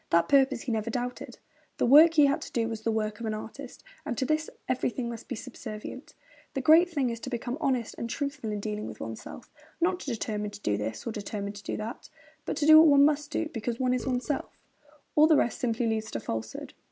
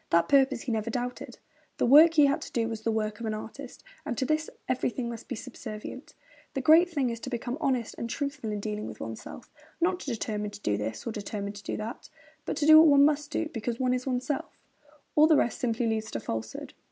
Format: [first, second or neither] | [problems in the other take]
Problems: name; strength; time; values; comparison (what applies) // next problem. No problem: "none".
second | background sound (Burping, eructation); 18 dB below the speech